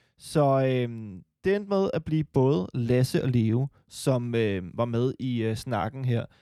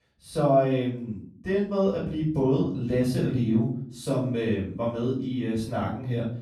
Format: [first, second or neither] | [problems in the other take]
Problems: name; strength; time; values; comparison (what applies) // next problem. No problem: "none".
first | room echo; noticeable; dies away in 0.5 s // off-mic speech; far